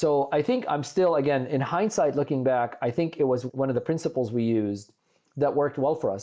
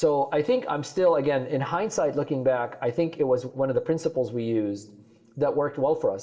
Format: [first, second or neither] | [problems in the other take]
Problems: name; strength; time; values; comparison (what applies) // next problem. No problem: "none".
first | room echo; dies away in 0.8 s